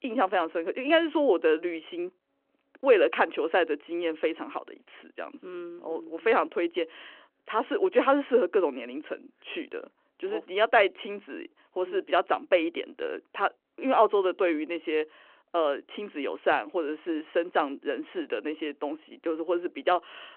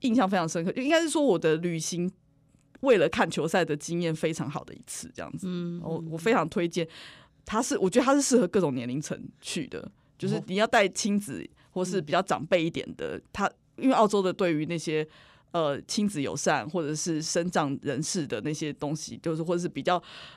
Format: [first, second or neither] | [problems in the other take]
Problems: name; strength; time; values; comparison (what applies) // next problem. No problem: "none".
second | phone-call audio